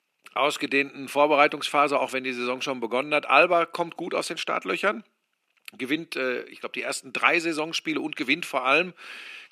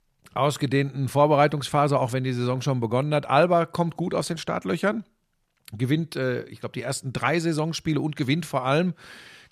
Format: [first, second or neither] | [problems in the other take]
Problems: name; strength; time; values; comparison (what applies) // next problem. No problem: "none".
second | thin; somewhat; fading below 250 Hz